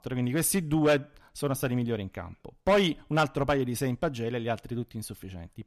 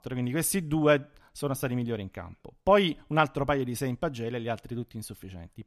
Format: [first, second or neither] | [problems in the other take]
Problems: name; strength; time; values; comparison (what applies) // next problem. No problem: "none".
second | distortion; slight; 2% of the sound clipped